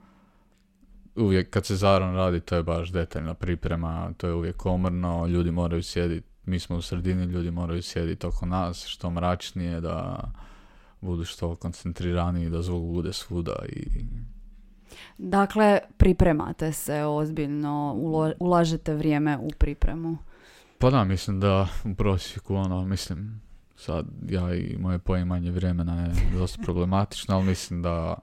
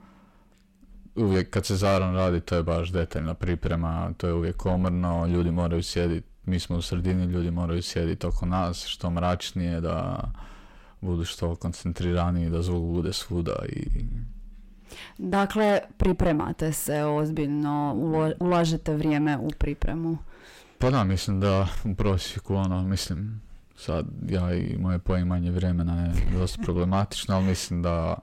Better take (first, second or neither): first